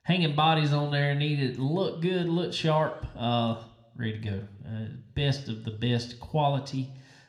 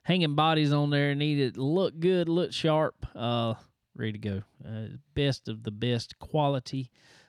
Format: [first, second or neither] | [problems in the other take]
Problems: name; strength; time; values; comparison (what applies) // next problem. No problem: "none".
second | room echo; very slight; dies away in 0.6 s